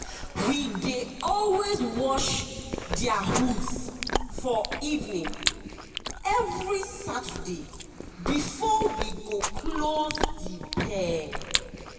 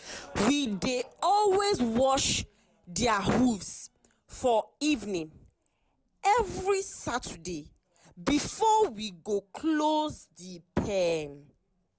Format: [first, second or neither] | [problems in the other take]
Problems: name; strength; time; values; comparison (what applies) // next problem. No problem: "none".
second | background sound (Chewing, mastication); 5 dB below the speech // room echo; dies away in 2 s